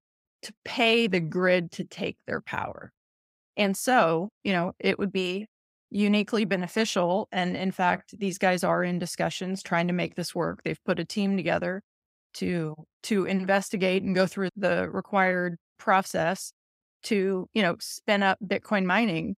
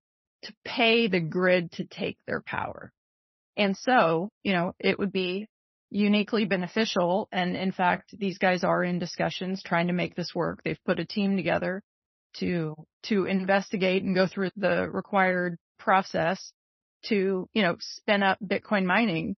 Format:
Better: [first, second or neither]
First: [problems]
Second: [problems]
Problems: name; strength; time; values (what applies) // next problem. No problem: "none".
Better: first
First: none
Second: garbled, watery; slightly; nothing above 6 kHz